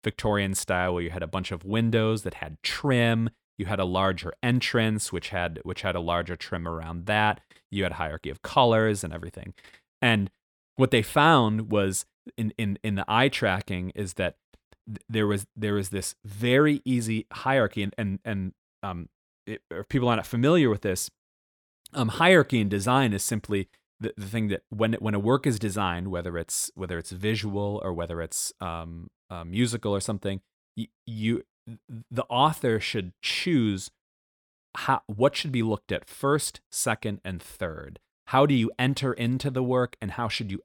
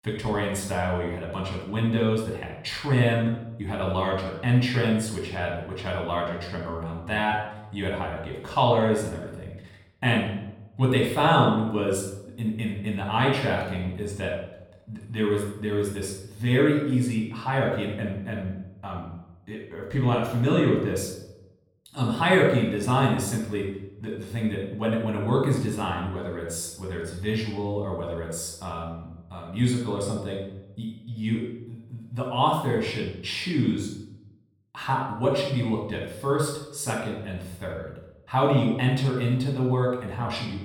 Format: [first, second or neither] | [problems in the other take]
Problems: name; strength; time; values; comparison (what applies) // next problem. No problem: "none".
first | off-mic speech; far // room echo; noticeable; dies away in 0.7 s